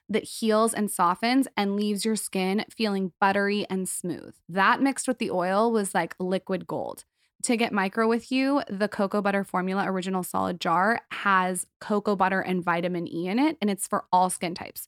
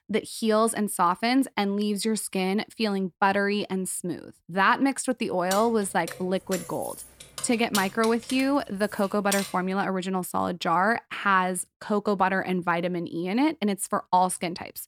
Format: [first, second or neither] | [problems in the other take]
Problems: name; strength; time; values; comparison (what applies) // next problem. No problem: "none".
first | jangling keys; noticeable; from 5.5 to 9.5 s; peak 5 dB below the speech